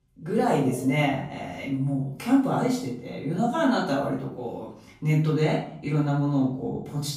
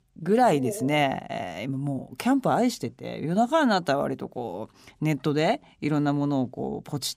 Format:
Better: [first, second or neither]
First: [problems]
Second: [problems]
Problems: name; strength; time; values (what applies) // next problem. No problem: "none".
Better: second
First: room echo; noticeable; dies away in 0.5 s // off-mic speech; far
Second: none